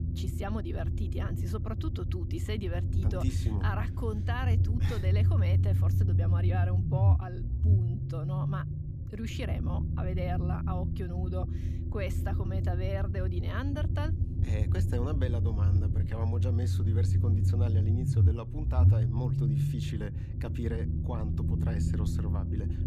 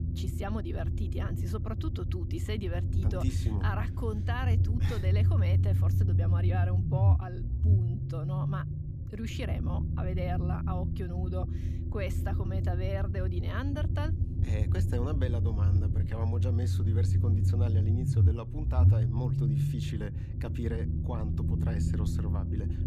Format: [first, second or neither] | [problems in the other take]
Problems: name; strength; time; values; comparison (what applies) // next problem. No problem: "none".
neither | low rumble; loud; throughout; 2 dB below the speech; the same in both